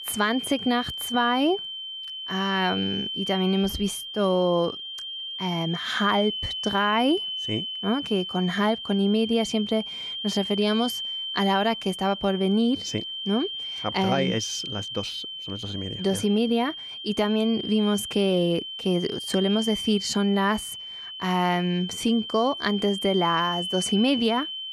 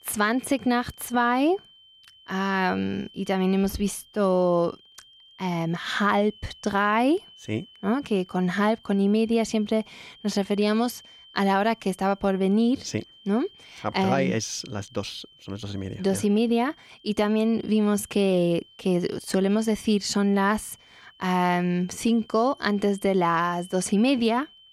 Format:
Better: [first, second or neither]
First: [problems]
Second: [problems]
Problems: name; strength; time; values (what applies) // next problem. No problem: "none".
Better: second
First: high-pitched whine; loud; throughout; 3 kHz, 6 dB below the speech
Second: high-pitched whine; faint; throughout; 3 kHz, 25 dB below the speech